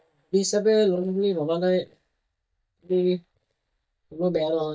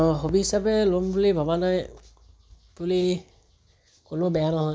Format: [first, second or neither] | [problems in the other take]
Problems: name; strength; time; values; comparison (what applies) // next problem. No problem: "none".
second | noise reduction (neural mask model DeepFilterNet 3)